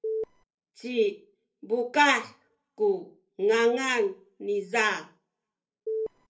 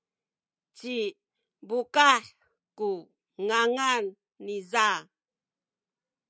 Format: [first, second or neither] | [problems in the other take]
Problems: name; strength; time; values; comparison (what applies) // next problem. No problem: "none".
second | noise reduction (neural separator model SepFormer DNS4)